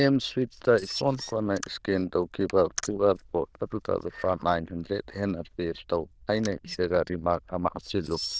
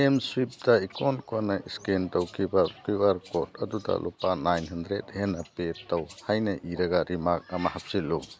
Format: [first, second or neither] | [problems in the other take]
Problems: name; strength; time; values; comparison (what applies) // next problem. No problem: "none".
second | noise reduction (neural diffusion model UNIVERSE++)